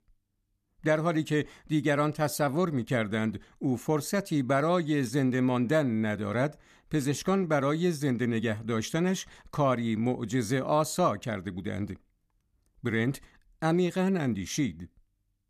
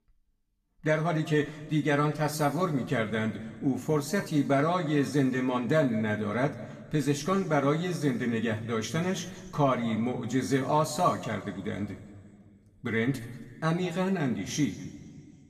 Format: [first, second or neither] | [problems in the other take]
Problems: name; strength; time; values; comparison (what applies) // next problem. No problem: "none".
first | room echo; slight; dies away in 1.4 s // off-mic speech; somewhat distant